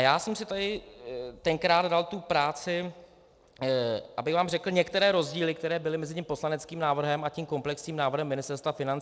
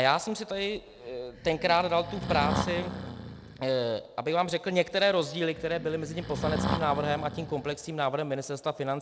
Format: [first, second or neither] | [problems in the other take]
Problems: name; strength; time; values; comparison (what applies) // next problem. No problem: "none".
first | background sound (Breathing); 6 dB below the speech